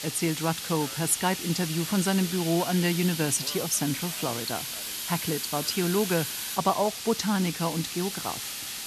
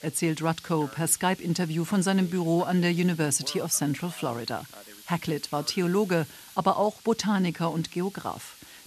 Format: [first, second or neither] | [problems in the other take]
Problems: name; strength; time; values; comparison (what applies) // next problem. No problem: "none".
second | hiss; loud; throughout; 4 dB below the speech; faint in the second